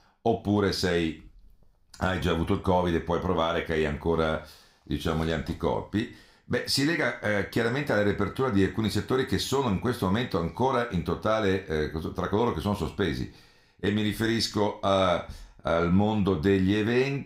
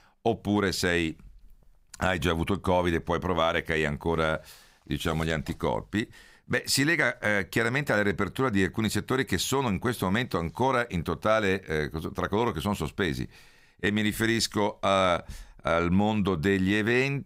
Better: second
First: room echo; very slight; dies away in 0.4 s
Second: none

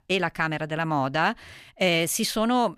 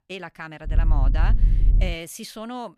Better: first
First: none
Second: low rumble; loud; from 0.5 to 2 s; 9 dB below the speech

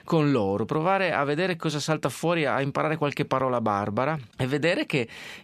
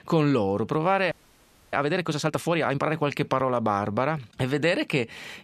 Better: first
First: none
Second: audio freezing; at 1 s for 0.5 s

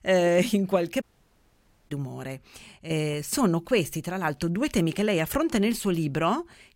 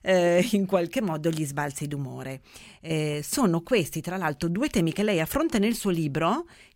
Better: second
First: audio cutting out; at 1 s for 1 s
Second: none

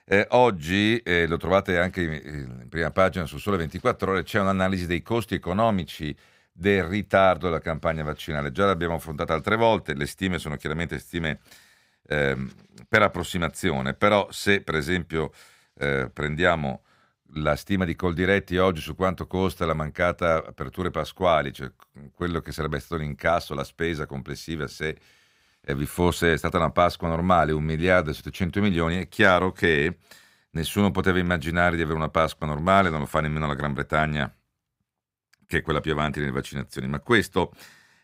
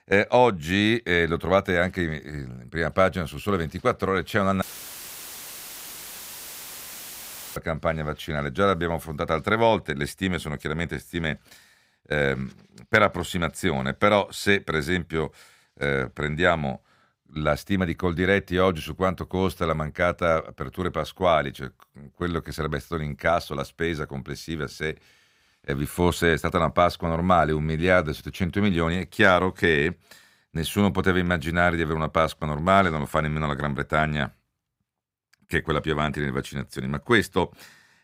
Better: first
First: none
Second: audio cutting out; filled with static; at 4.5 s for 3 s

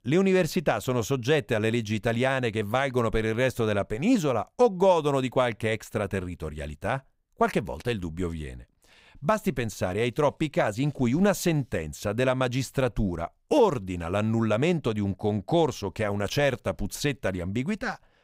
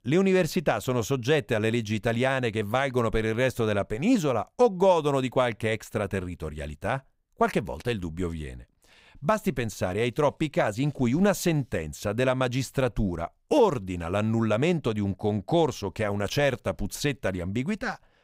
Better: neither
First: none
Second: none

